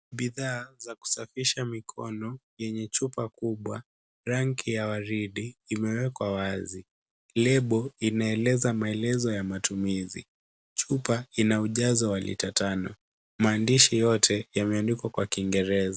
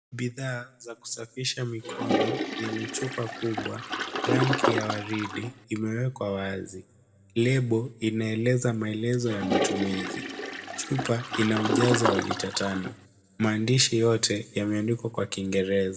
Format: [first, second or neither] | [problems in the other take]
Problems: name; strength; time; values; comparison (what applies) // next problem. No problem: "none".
first | background sound (Toilet flush); 1 dB below the speech // room echo; dies away in 0.8 s